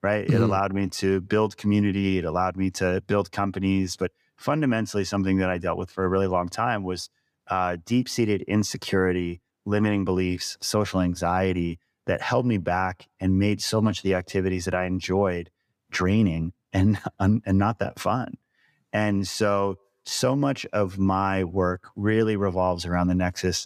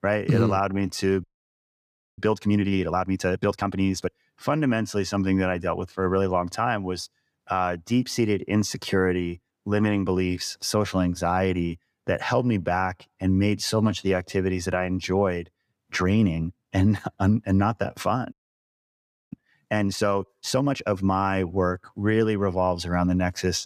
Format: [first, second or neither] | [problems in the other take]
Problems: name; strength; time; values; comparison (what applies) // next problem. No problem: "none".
first | audio freezing; at 1 s for 1 s and at 18 s for 1 s